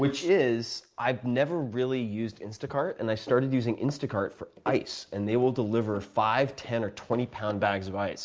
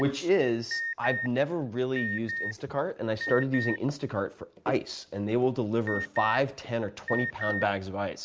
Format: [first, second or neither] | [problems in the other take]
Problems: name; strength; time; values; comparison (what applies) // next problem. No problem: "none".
first | background sound (Alarm); 8 dB below the speech